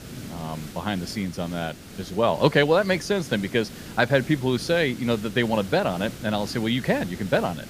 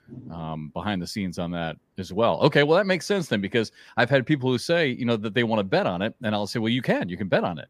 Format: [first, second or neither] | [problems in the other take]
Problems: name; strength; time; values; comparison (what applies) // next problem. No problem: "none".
second | hiss; noticeable; throughout; 15 dB below the speech